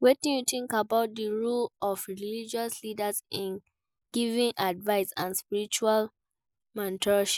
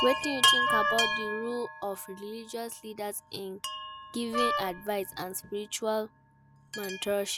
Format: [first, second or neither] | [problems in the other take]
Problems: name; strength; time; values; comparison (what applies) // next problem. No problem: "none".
first | background sound (Chime + Wind instrument, woodwind instrument); 1 dB above the speech